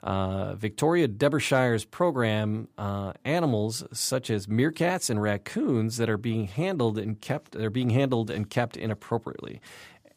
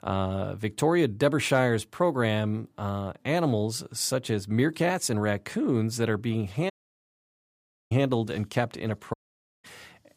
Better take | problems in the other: first | audio cutting out; at 6.5 s for 1 s and at 9 s for 0.5 s

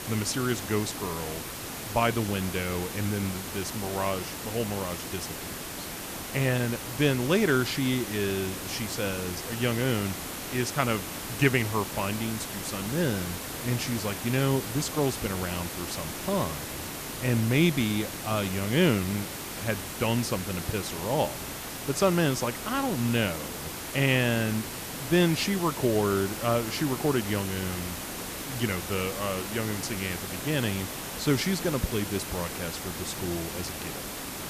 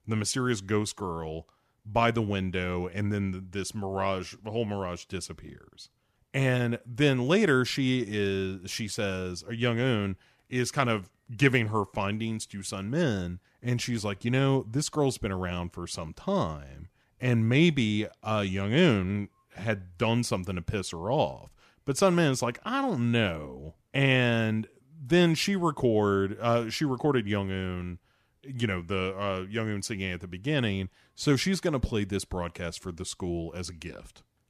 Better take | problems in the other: second | hiss; loud; throughout; 6 dB below the speech

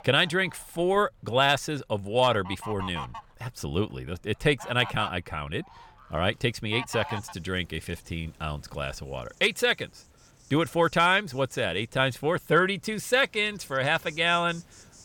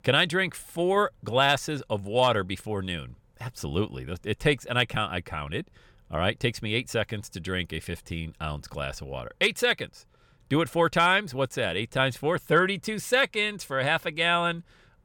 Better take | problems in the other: second | animal sounds; noticeable; throughout; 15 dB below the speech

